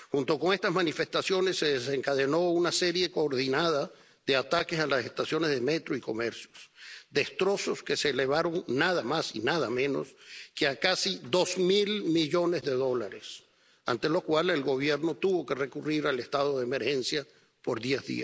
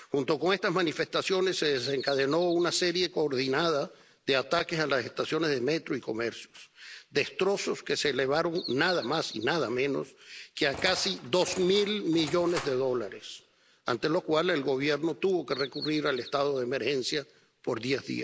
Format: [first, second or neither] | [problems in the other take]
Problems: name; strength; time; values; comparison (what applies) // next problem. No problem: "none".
first | background sound (Bird vocalization, bird call, bird song + Engine); 14 dB below the speech